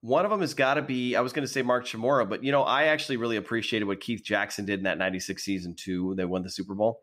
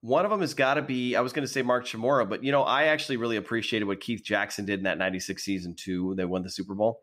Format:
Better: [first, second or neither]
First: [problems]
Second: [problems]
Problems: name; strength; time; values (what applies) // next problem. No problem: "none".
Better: neither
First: none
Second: none